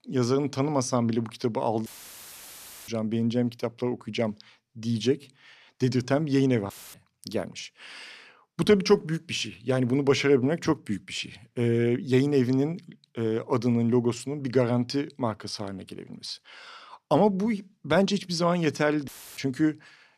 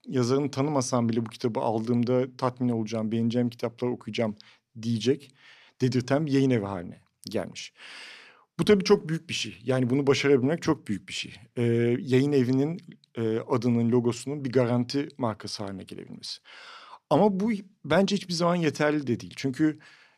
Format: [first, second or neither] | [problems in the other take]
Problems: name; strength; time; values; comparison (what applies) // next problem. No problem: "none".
second | audio cutting out; filled with static; at 2 s for 1 s, at 6.5 s and at 19 s